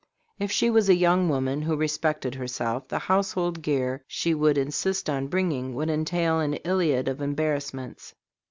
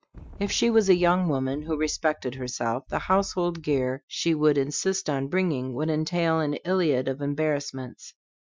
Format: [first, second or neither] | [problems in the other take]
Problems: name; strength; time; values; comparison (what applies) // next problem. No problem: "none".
first | noise reduction (classical method Wiener filter)